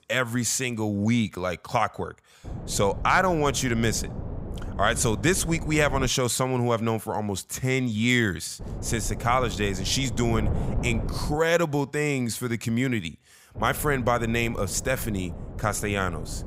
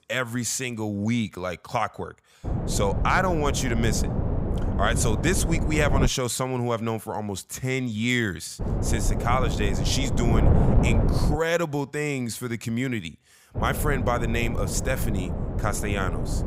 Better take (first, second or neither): first